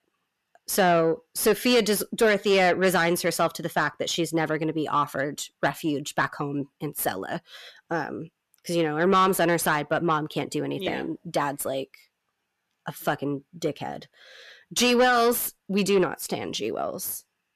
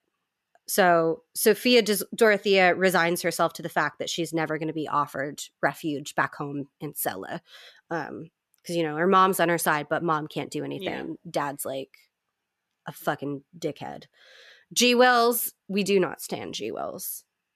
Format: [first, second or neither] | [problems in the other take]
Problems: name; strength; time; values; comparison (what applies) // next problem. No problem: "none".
second | distortion; slight; 10 dB below the speech